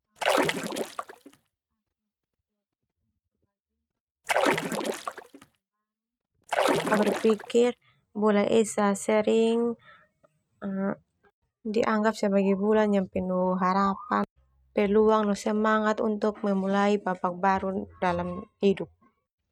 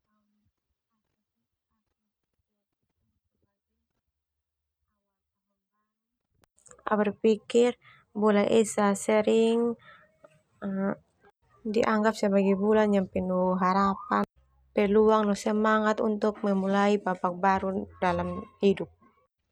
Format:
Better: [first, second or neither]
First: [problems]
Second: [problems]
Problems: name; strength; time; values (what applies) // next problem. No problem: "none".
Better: second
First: noise reduction (neural mask model RNNoise)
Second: none